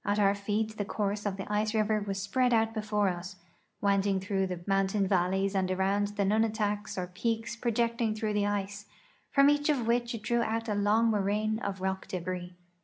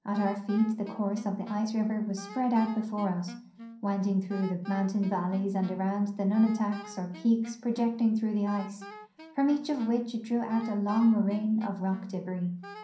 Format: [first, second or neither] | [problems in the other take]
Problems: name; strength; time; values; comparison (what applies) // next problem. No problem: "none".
first | background sound (Wind instrument, woodwind instrument); 18 dB below the speech // room echo; dies away in 0.6 s